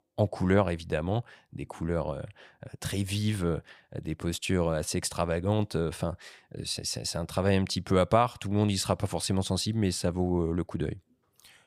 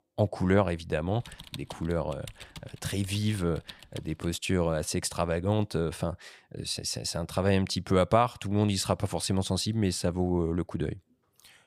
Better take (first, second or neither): first